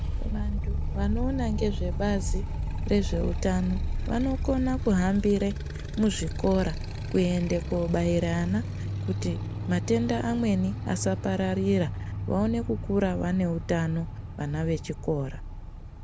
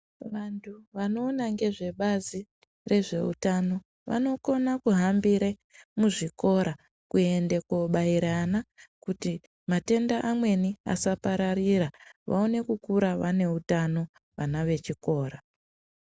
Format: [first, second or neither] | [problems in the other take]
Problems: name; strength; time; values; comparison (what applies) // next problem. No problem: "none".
second | background sound (Motorcycle); 3 dB below the speech